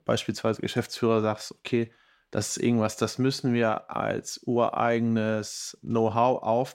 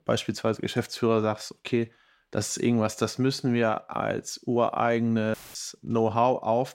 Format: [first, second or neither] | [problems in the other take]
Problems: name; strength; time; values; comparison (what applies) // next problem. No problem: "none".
first | audio cutting out; filled with static; at 5.5 s